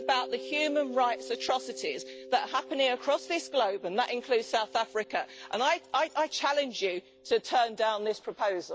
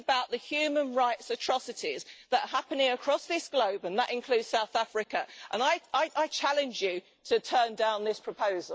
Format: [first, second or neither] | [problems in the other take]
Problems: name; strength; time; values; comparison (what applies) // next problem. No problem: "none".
second | background sound (Mallet percussion); 17 dB below the speech